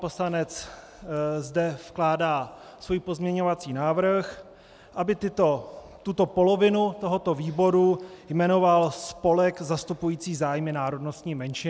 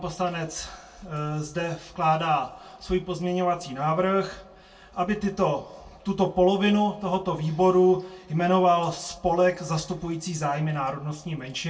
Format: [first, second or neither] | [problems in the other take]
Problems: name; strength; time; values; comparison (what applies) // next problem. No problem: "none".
first | room echo; dies away in 0.2 s